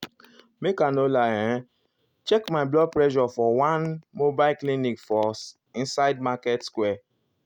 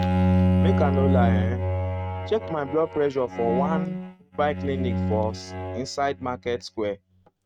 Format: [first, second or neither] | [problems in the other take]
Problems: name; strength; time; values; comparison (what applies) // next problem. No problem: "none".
first | noise reduction (neural mask model RNNoise)